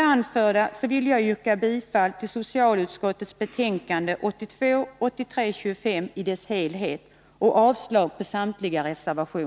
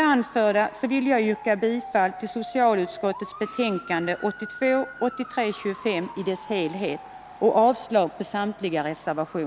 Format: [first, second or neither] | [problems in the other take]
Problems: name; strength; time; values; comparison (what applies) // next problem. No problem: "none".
first | background sound (Motor vehicle (road) / Siren); 17 dB below the speech